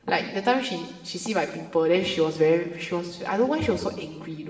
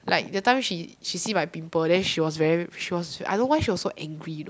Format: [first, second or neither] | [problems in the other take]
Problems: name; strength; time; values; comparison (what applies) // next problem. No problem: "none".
second | room echo; dies away in 1.1 s